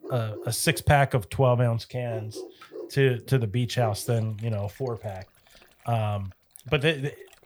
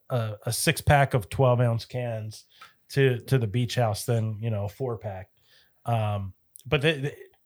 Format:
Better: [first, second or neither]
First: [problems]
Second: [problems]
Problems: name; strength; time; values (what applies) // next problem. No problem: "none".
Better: second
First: animal sounds; noticeable; throughout; 20 dB below the speech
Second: none